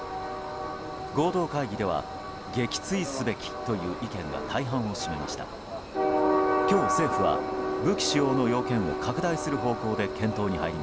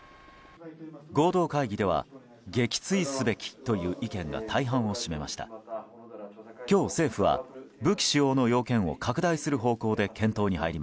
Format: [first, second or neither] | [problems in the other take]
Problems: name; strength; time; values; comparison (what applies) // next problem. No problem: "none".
second | background sound (Train); 1 dB below the speech